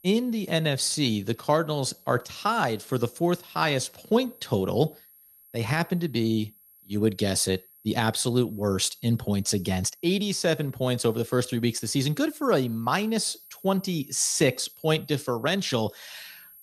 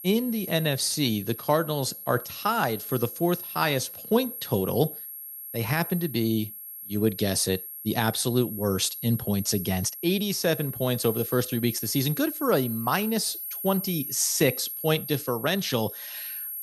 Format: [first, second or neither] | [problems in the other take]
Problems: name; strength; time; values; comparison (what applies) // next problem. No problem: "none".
first | high-pitched whine; loud; throughout; 11.5 kHz, 9 dB below the speech; faint in the first